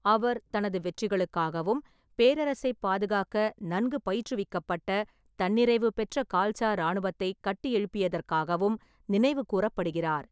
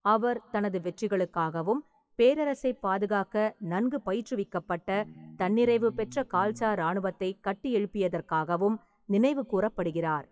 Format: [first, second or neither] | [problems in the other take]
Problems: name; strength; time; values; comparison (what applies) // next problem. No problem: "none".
first | noise reduction (classical method WPE with log-MMSE)